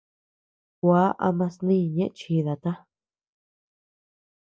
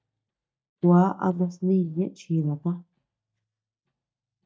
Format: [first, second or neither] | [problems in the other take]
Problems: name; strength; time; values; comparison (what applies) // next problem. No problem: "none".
first | noise reduction (neural mask model DeepFilterNet 3)